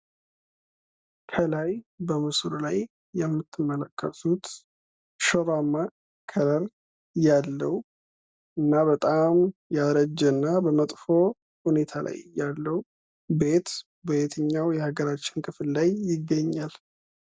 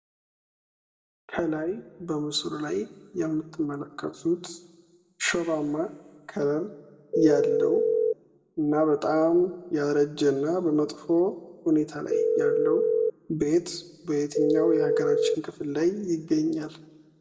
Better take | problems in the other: first | background sound (Telephone); 5 dB above the speech // room echo; dies away in 1 s

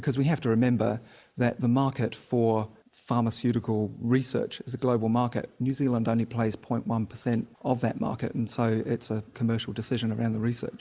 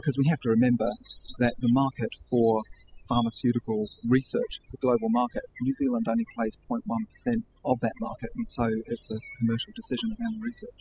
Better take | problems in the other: first | noise reduction (classical method spectral subtraction)

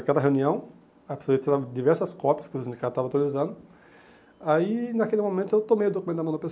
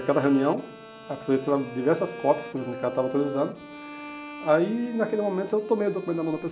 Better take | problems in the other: first | background sound (Bowed string instrument); 13 dB below the speech // room echo; dies away in 0.5 s

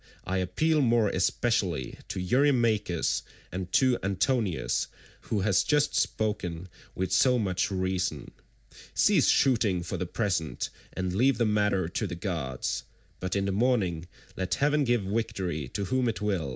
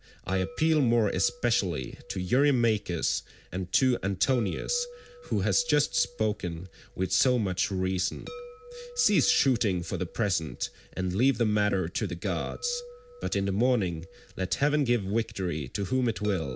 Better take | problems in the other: first | background sound (Chime); 19 dB below the speech

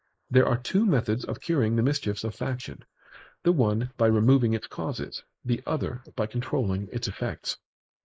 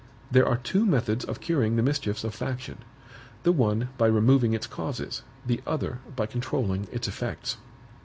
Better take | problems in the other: second | noise reduction (neural mask model Resemble Enhance denoiser)

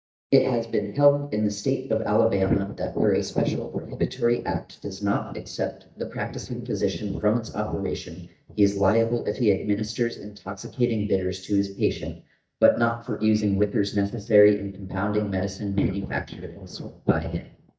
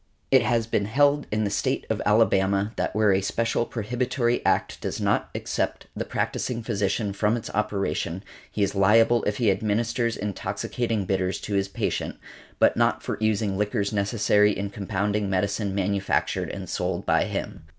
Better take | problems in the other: second | noise reduction (neural mask model DeepFilterNet 3)

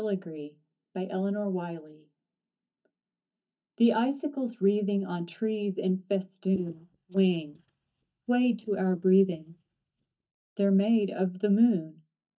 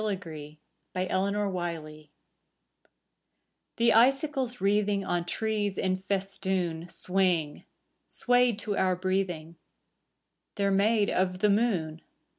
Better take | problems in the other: second | noise reduction (neural mask model DeepFilterNet 3)

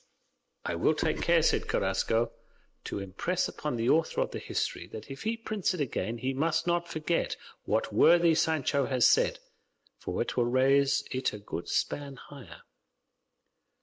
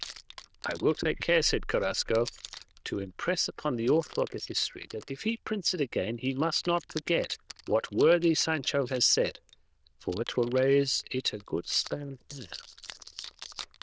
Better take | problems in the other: first | noise reduction (neural diffusion model UNIVERSE++)

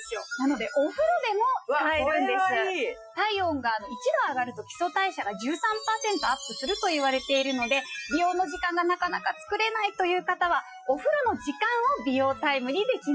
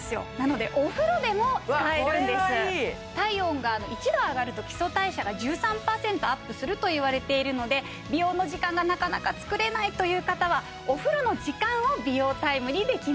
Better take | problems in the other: second | noise reduction (classical method Wiener filter)

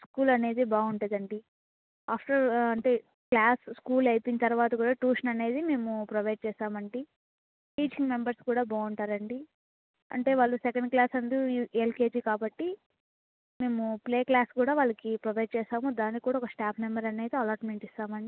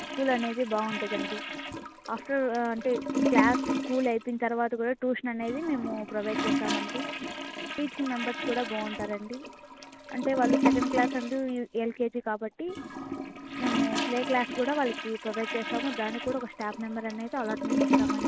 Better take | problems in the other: first | background sound (Toilet flush / Gurgling); 1 dB below the speech

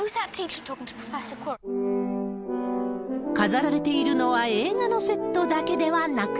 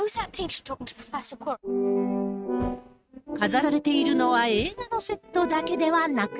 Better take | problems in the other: first | noise reduction (neural mask model RNNoise)

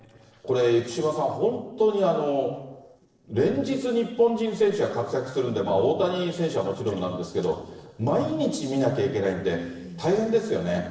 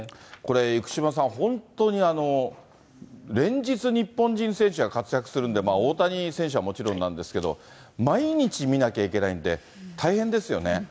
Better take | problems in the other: second | noise reduction (neural separator model SepFormer DNS4)

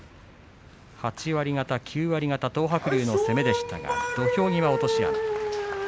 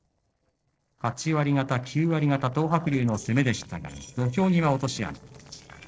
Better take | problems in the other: first | noise reduction (neural separator model SepFormer DNS4)

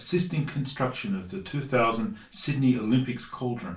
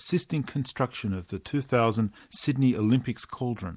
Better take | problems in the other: second | room echo; dies away in 0.3 s

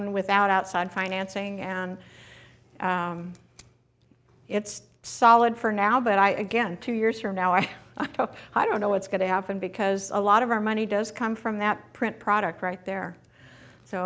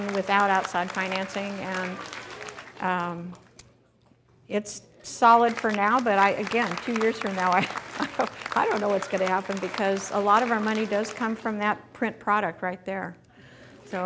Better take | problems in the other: first | background sound (Applause); 13 dB below the speech

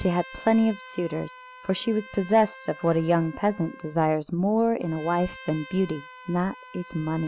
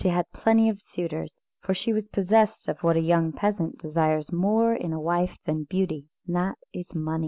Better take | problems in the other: second | background sound (Trumpet); 19 dB below the speech

